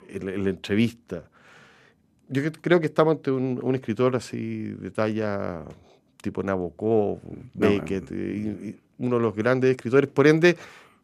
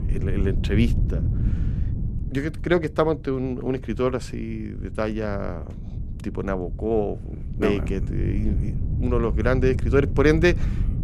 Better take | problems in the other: first | wind noise on the microphone; occasional gusts; 15 dB below the speech

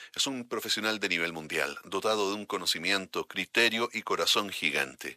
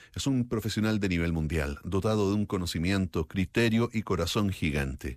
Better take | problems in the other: second | thin; very; fading below 550 Hz

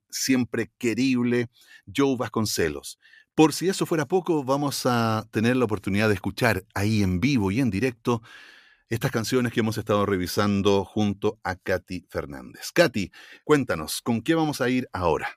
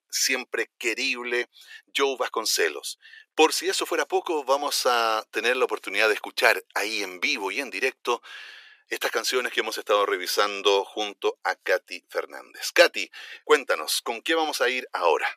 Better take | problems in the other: first | thin; very; fading below 400 Hz

